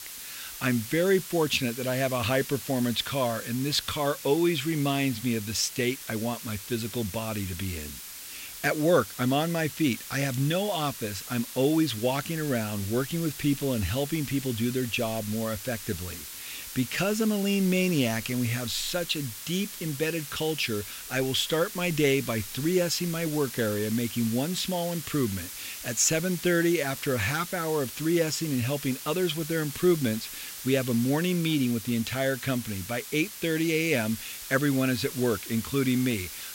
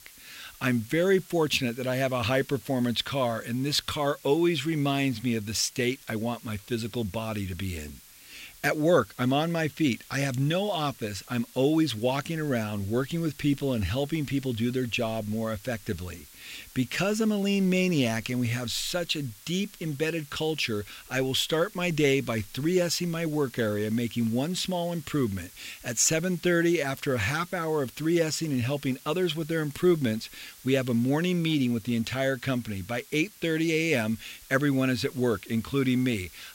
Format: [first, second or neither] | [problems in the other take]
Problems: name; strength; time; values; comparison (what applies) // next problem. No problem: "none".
second | hiss; loud; throughout; 10 dB below the speech; faint in the second